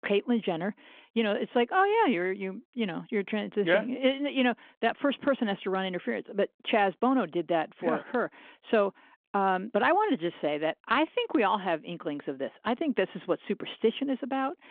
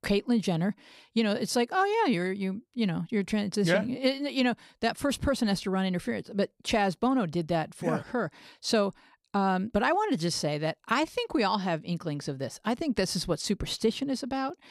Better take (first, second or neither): second